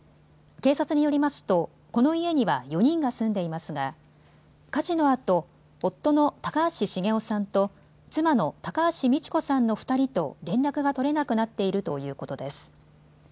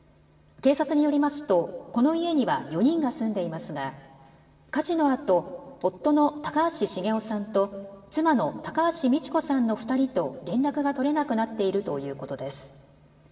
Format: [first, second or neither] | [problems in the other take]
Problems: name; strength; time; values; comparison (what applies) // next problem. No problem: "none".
first | room echo; dies away in 1.6 s